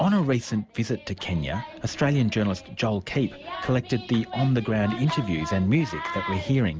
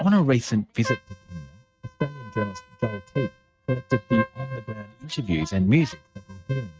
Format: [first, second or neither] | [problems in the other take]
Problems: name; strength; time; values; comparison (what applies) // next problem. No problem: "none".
first | noise reduction (neural mask model RNNoise)